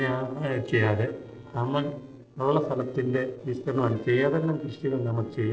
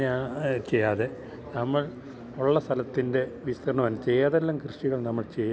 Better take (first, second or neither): second